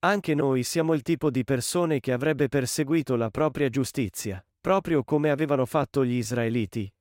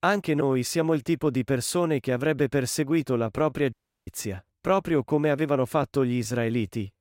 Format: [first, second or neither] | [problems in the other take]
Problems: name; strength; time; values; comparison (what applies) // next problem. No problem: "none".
first | audio cutting out; at 3.5 s